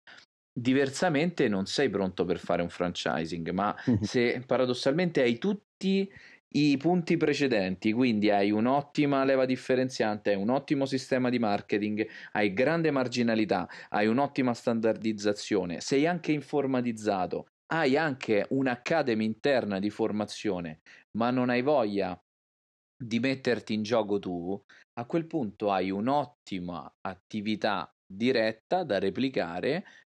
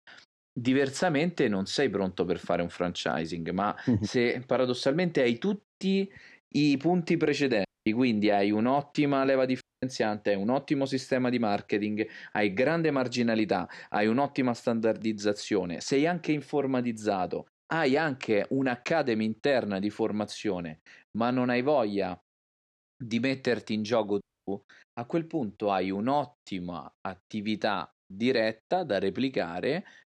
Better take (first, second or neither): first